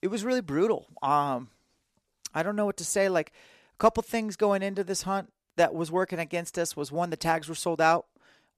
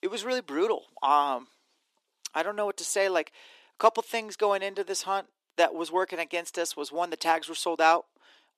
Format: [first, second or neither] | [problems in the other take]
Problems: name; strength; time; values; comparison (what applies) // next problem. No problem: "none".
first | thin; somewhat; fading below 300 Hz